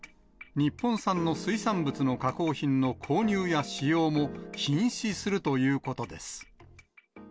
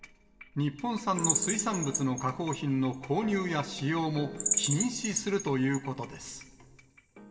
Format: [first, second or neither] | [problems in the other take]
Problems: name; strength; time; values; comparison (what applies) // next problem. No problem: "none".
first | background sound (Bird vocalization, bird call, bird song); 2 dB below the speech // room echo; dies away in 2.5 s